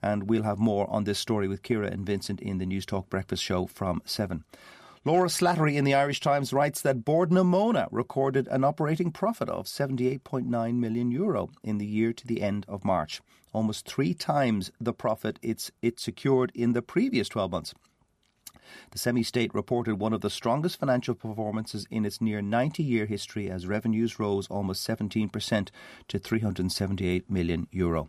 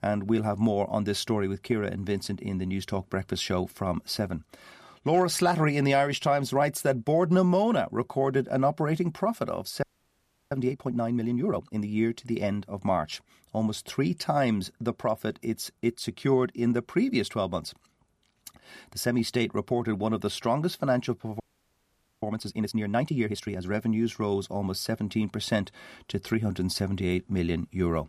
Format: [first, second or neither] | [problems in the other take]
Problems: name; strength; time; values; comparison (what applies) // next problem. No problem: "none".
first | audio freezing; at 10 s for 0.5 s and at 21 s for 1 s